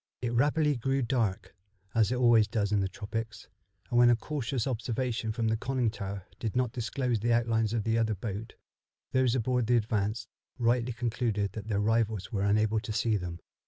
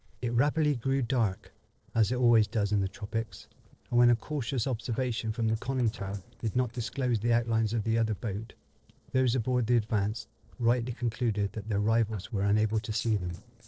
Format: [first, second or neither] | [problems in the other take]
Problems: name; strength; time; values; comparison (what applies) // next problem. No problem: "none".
first | noise reduction (neural separator model SepFormer DNS4)